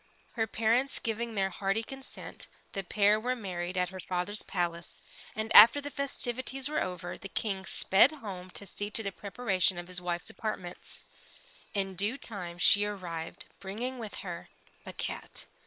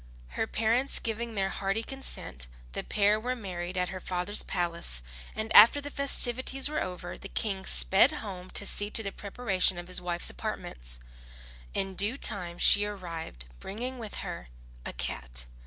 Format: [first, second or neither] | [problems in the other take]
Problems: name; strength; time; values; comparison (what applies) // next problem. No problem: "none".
second | noise reduction (neural separator model SepFormer WHAM!)